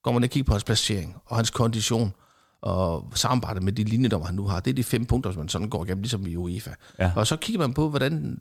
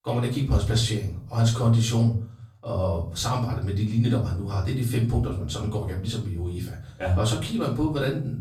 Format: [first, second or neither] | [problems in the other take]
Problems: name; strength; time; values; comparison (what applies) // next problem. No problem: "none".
first | off-mic speech; far // room echo; slight; dies away in 0.4 s